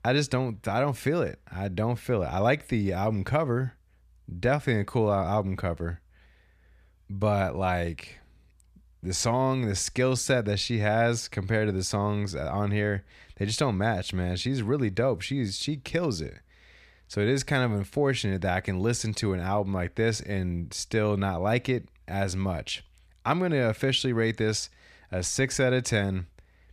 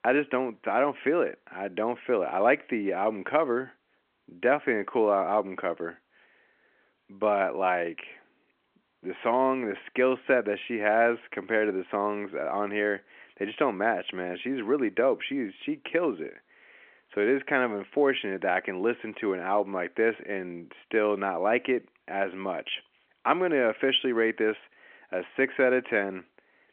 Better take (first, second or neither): first